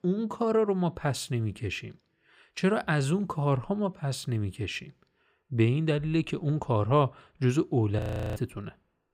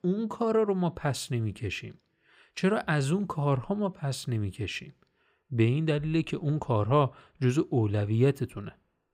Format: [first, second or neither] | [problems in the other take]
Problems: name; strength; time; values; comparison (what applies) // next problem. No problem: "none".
second | audio freezing; at 8 s